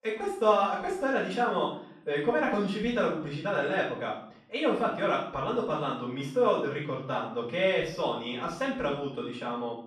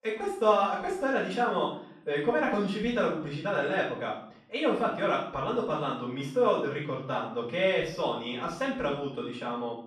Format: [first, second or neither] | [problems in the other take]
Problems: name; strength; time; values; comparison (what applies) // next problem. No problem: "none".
neither | off-mic speech; far; the same in both // room echo; noticeable; dies away in 0.6 s; the same in both